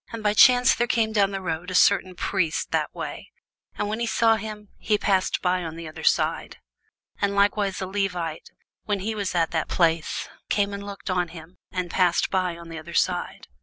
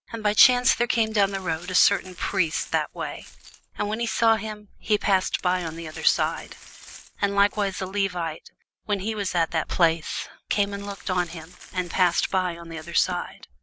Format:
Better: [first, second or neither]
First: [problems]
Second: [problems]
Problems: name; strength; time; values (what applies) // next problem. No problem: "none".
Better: first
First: none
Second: background sound (Glass); 19 dB below the speech